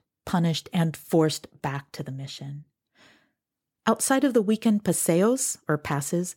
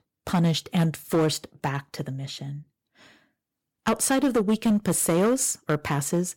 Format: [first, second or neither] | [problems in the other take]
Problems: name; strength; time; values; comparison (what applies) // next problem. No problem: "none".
first | distortion; slight; 7% of the sound clipped